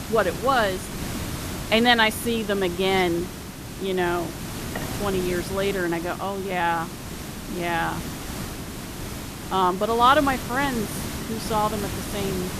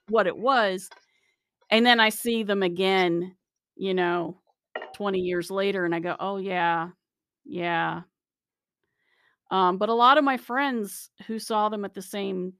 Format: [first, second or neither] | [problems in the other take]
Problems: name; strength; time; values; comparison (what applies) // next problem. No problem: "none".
second | hiss; loud; throughout; 9 dB below the speech